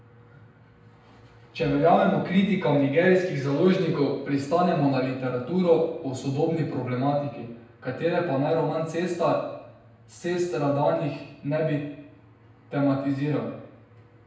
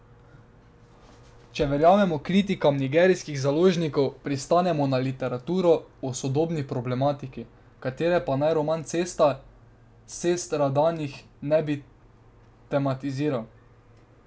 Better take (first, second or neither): second